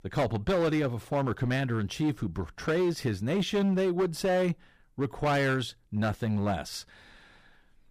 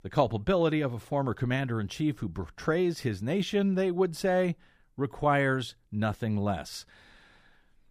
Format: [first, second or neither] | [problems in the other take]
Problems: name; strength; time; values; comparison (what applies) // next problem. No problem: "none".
second | distortion; slight; 10% of the sound clipped